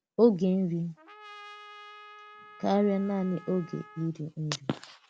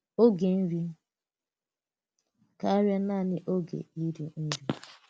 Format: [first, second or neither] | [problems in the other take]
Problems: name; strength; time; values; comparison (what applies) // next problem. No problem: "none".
second | background sound (Trumpet); 20 dB below the speech